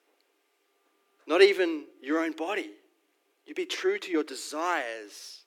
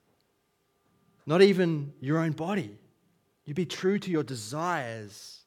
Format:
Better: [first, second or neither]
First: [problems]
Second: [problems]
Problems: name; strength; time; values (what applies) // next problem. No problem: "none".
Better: second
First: thin; very; fading below 300 Hz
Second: none